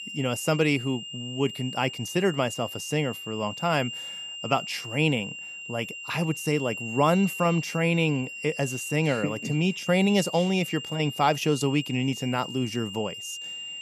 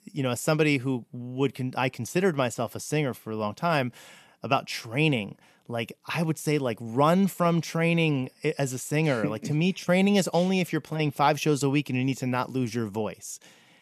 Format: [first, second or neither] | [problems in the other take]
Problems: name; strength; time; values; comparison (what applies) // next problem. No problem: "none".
second | high-pitched whine; loud; throughout; 3 kHz, 9 dB below the speech